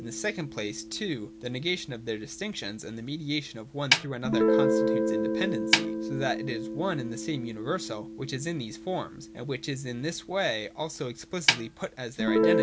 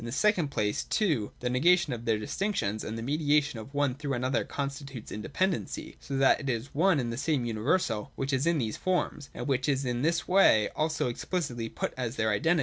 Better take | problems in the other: second | background sound (Snare drum + Guitar); 3 dB above the speech

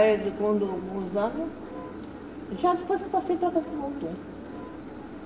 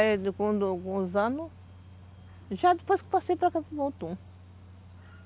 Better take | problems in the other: second | background sound (Engine); 11 dB below the speech // room echo; dies away in 0.9 s

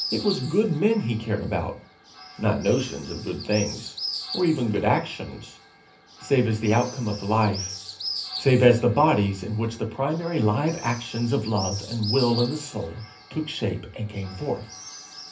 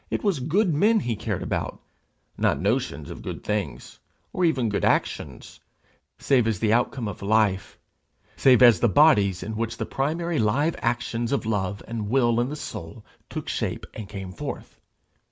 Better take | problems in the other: second | background sound (Bird); 13 dB below the speech // room echo; dies away in 0.3 s

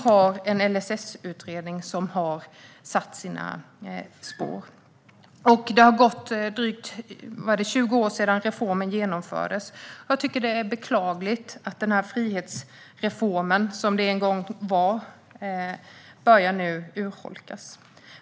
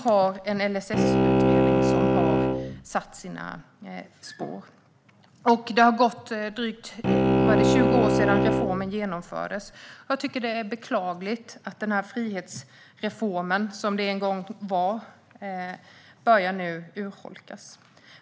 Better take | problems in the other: first | background sound (Bowed string instrument); 5 dB above the speech

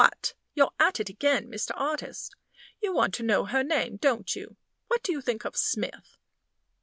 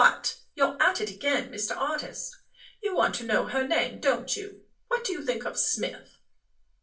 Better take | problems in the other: first | room echo; dies away in 0.3 s

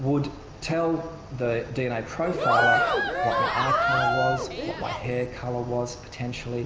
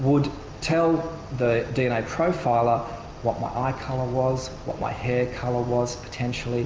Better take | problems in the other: second | background sound (Cheering); 4 dB above the speech

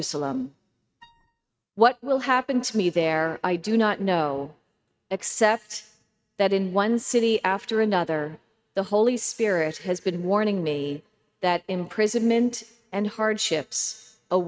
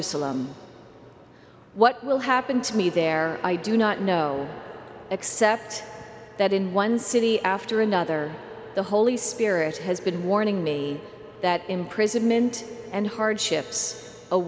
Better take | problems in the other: second | noise reduction (neural mask model RNNoise)

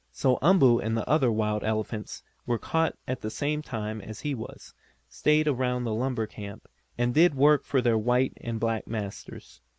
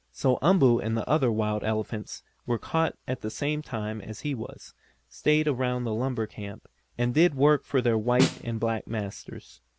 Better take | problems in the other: first | background sound (Snare drum); 5 dB below the speech

